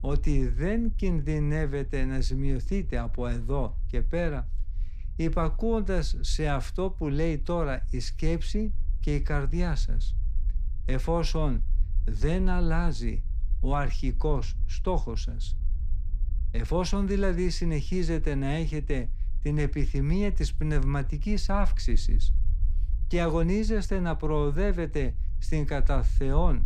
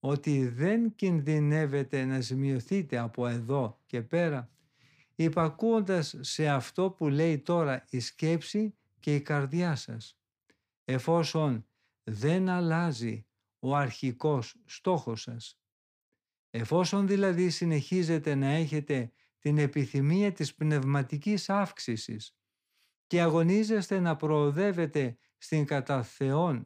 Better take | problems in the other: second | low rumble; faint; throughout; 25 dB below the speech

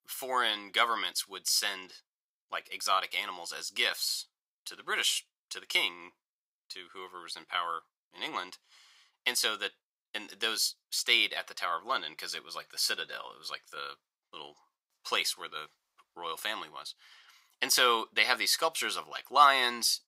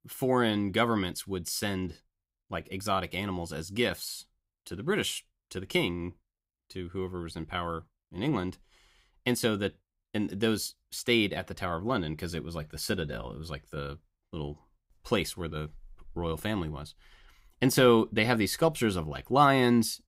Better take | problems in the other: second | thin; very; fading below 900 Hz

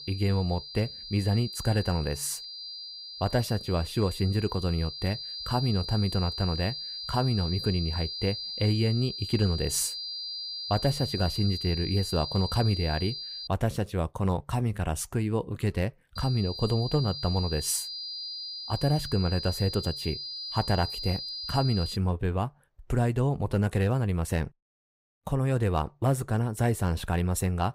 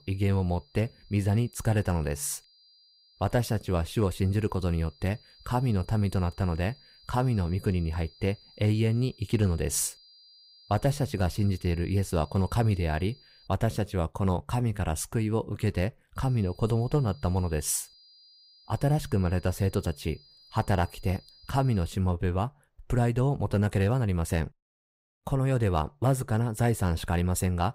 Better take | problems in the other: second | high-pitched whine; loud; until 13 s and from 16 to 22 s; 4.5 kHz, 6 dB below the speech; faint in the second

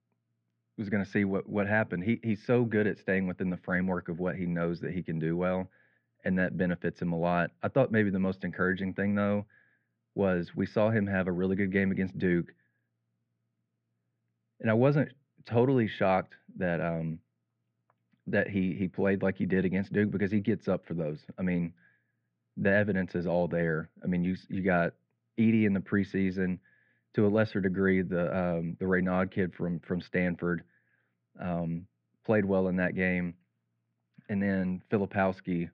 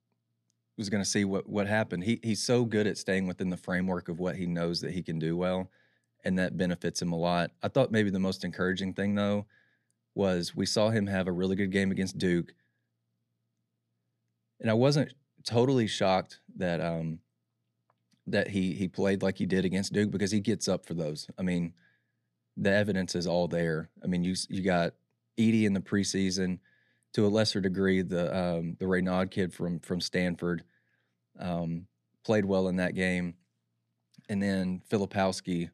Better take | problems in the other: second | muffled; very; fading above 2.5 kHz

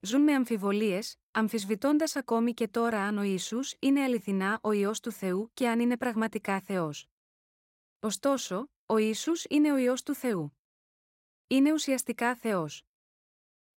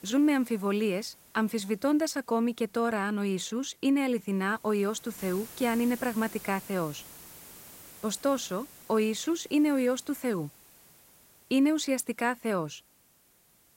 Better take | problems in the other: first | hiss; noticeable; throughout; 20 dB below the speech

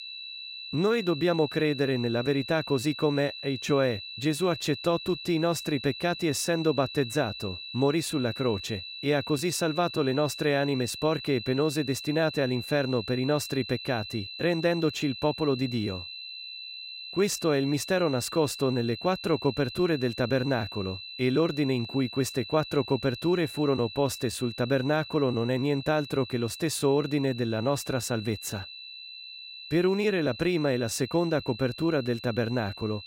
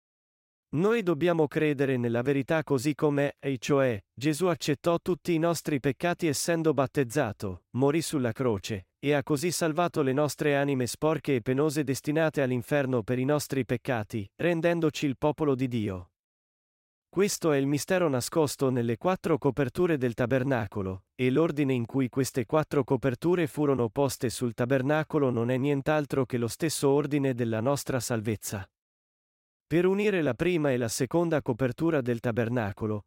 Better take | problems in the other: second | high-pitched whine; noticeable; throughout; 4 kHz, 10 dB below the speech

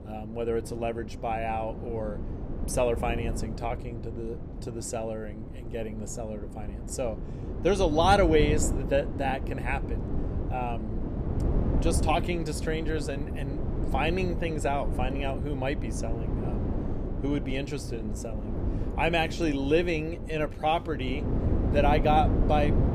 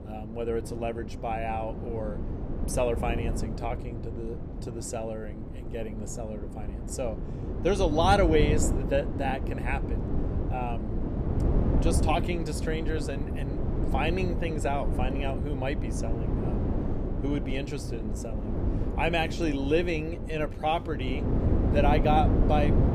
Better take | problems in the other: first | wind noise on the microphone; heavy; 8 dB below the speech; occasional gusts in the first

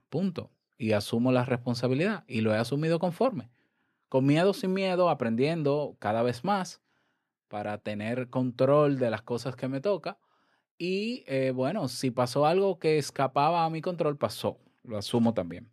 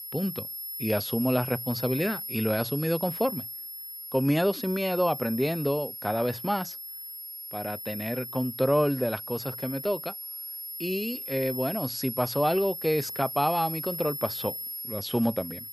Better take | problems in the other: first | high-pitched whine; loud; throughout; 11.5 kHz, 6 dB below the speech

